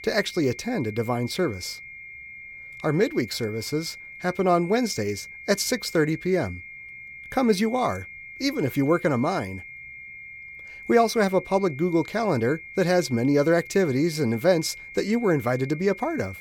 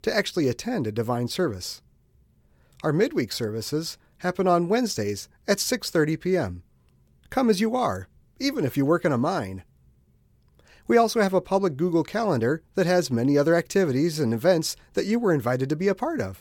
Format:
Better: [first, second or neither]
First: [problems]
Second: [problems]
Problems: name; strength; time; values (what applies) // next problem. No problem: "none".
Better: second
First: high-pitched whine; noticeable; throughout; 2 kHz, 15 dB below the speech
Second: none